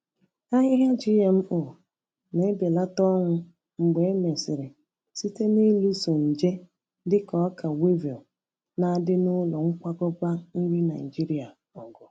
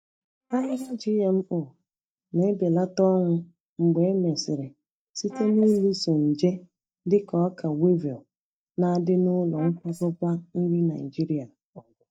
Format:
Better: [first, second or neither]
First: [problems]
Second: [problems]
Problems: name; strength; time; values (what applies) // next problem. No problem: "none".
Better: first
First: none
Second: noise reduction (neural mask model DeepFilterNet 3)